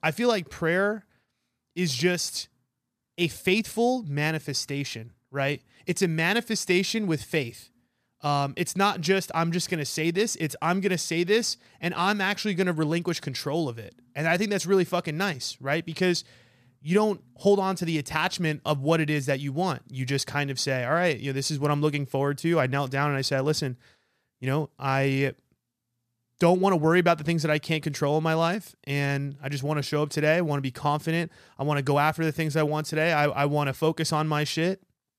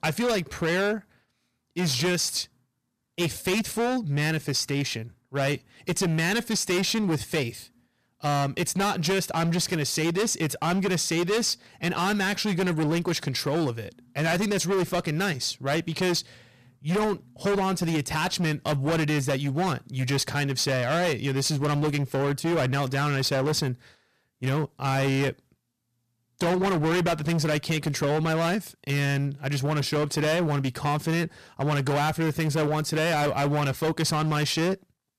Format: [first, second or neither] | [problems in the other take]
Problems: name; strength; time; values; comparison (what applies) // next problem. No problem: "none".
first | distortion; heavy; 21% of the sound clipped